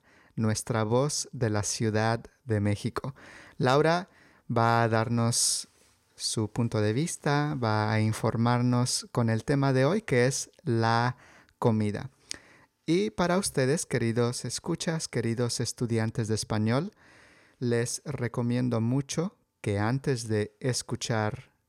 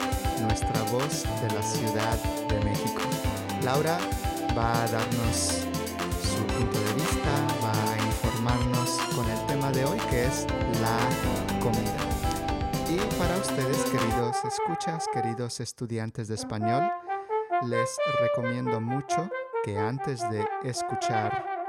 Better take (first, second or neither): first